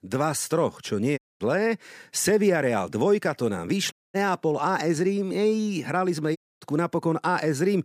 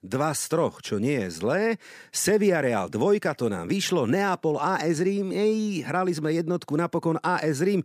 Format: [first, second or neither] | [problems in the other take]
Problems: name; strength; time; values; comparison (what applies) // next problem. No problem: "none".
second | audio cutting out; at 1 s, at 4 s and at 6.5 s